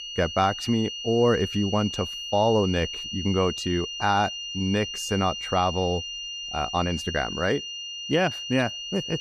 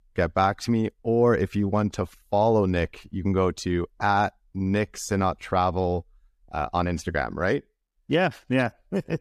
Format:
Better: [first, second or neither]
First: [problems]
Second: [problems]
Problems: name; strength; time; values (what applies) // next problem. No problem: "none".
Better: second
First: high-pitched whine; loud; throughout; 3 kHz, 6 dB below the speech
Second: none